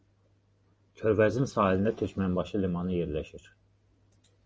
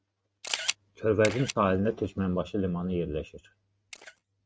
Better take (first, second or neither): first